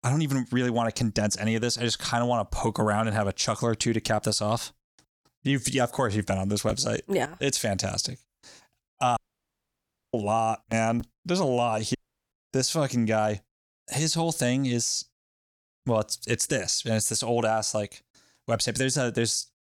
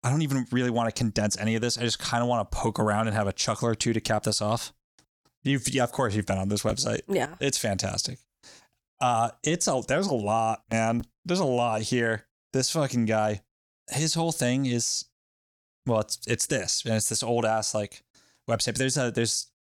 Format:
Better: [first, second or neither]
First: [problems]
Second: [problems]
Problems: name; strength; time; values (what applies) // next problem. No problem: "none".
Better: second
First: audio cutting out; at 9 s for 1 s and at 12 s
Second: none